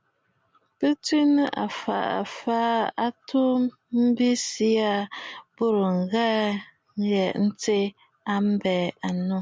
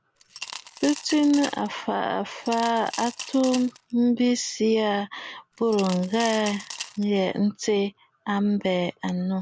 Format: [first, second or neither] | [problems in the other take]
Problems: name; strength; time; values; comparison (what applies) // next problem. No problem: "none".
first | background sound (Coin (dropping) / Glass); 14 dB below the speech